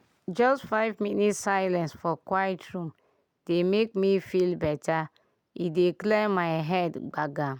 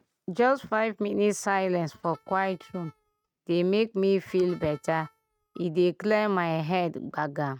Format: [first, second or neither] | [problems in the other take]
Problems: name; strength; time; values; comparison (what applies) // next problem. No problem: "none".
first | noise reduction (neural mask model RNNoise)